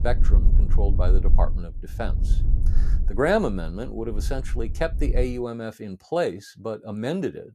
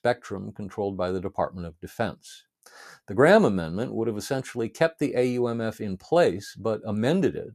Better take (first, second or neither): second